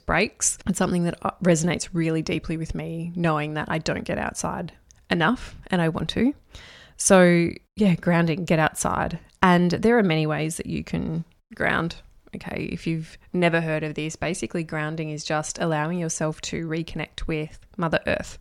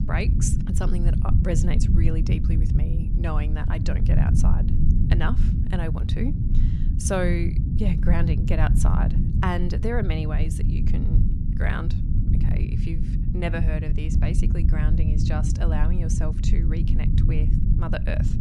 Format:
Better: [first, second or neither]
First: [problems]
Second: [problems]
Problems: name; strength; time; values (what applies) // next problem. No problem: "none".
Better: first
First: none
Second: low rumble; loud; throughout; 4 dB below the speech